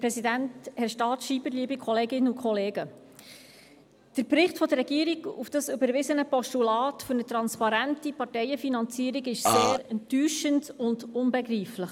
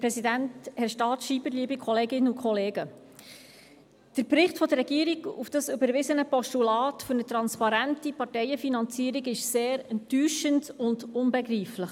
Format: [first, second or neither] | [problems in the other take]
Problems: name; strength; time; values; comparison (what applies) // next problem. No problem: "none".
second | background sound (Burping, eructation); 5 dB above the speech